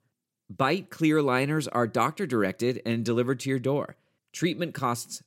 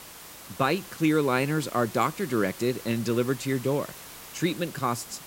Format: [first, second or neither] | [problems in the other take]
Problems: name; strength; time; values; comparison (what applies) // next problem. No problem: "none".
first | hiss; noticeable; throughout; 15 dB below the speech